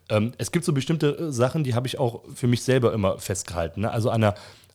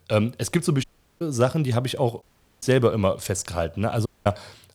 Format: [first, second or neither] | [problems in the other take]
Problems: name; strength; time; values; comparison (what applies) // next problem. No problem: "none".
first | audio cutting out; at 1 s, at 2 s and at 4 s